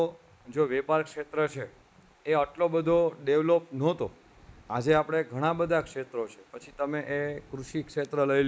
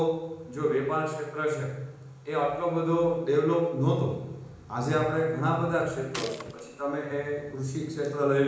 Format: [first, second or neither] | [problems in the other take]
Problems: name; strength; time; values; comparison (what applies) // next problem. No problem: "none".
first | background sound (Gunshot, gunfire); 14 dB below the speech // room echo; dies away in 1 s